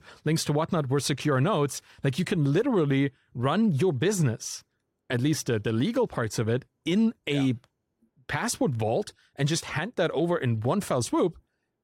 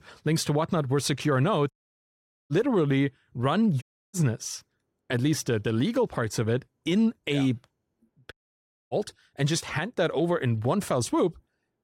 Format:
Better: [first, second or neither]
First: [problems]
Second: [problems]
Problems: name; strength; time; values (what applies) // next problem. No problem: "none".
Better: first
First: none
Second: audio cutting out; at 1.5 s for 1 s, at 4 s and at 8.5 s for 0.5 s